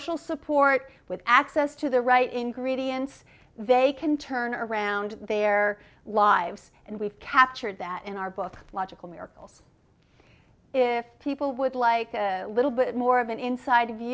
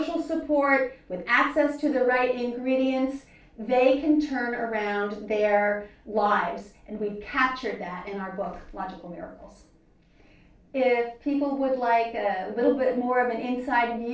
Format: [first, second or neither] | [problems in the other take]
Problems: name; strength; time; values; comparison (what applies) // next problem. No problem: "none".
first | room echo; dies away in 0.3 s